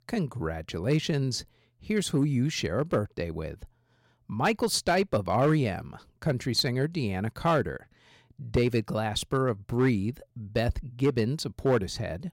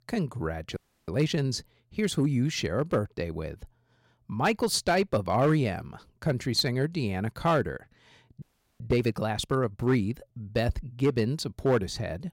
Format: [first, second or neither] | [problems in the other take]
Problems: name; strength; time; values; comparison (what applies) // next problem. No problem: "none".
first | audio freezing; at 1 s and at 8.5 s